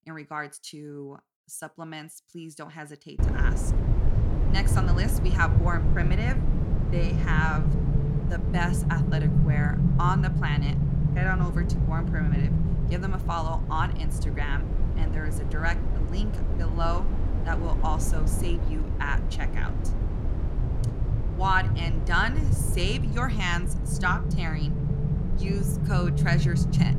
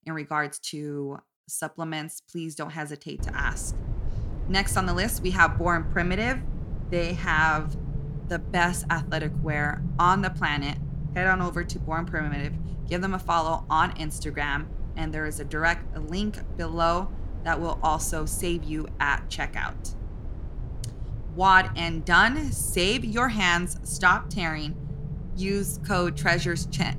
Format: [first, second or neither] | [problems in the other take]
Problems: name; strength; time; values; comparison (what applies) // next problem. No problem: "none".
second | low rumble; loud; from 3 s on; 7 dB below the speech; faint in the second